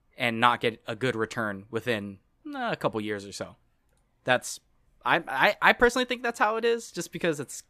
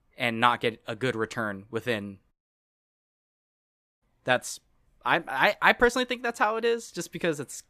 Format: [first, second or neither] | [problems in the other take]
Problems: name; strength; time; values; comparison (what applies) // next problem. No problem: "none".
first | audio cutting out; at 2.5 s for 1.5 s